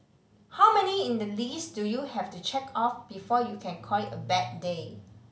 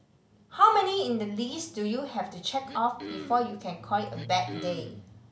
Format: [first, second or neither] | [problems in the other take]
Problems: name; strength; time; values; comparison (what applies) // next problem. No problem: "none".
first | background sound (Cough); 13 dB below the speech